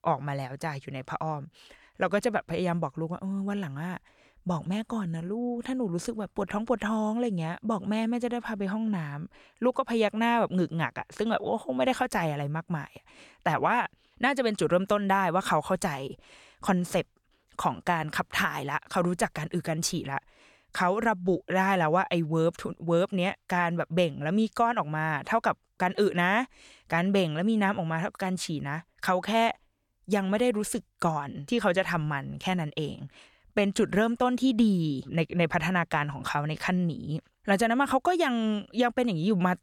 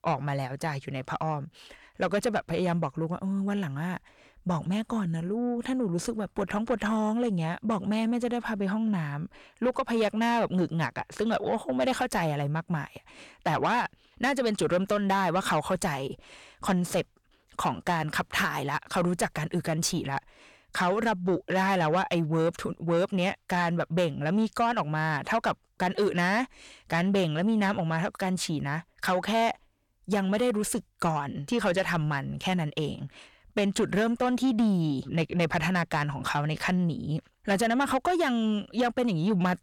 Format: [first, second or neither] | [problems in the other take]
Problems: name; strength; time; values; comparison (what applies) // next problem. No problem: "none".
first | distortion; slight; 10 dB below the speech